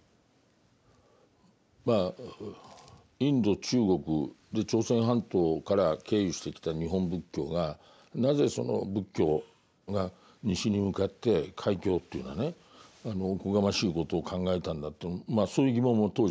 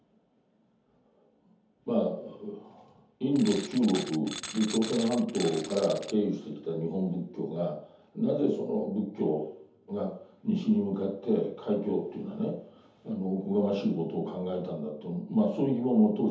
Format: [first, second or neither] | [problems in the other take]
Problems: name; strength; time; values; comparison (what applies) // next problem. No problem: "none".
first | background sound (Tools); 11 dB below the speech // room echo; dies away in 0.6 s